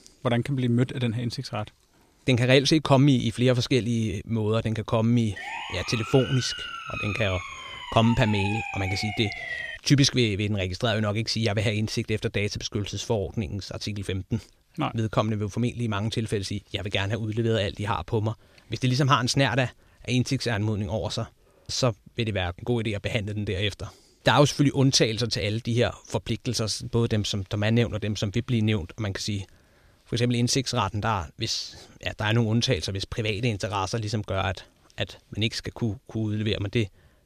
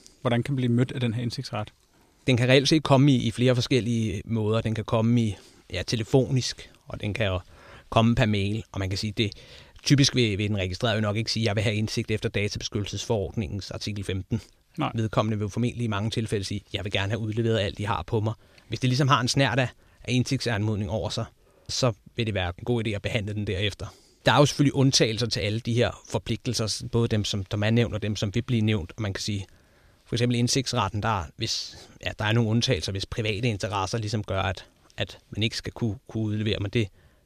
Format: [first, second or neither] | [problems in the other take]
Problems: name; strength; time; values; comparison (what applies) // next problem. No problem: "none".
second | siren; noticeable; from 5.5 to 10 s; peak 5 dB below the speech